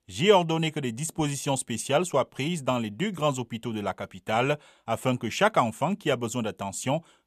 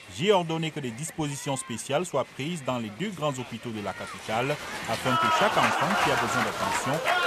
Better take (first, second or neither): first